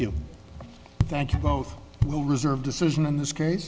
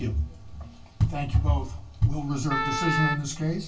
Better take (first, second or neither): first